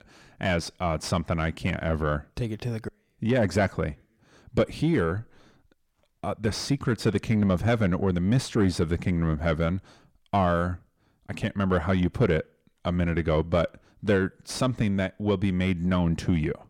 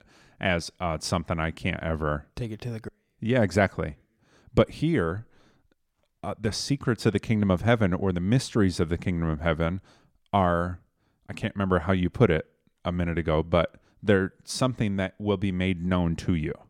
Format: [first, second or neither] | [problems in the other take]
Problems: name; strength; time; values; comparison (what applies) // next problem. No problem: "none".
second | distortion; slight; 10 dB below the speech